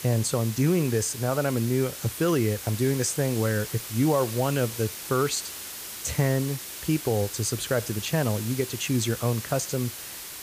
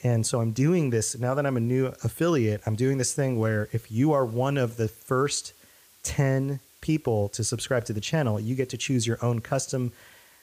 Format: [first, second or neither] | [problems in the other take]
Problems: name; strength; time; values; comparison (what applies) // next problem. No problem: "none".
second | hiss; loud; throughout; 9 dB below the speech; faint in the second